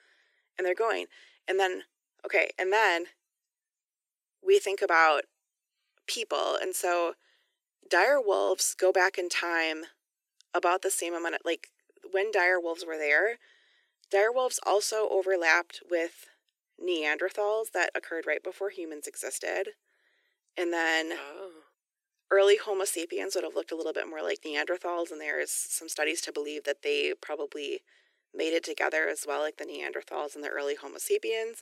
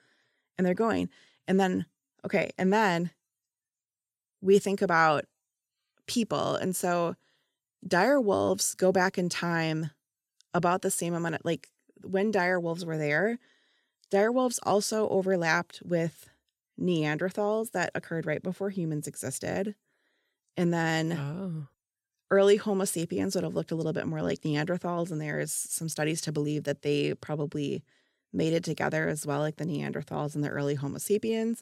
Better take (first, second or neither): second